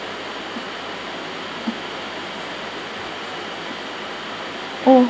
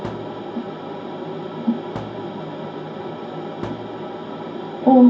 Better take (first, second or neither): first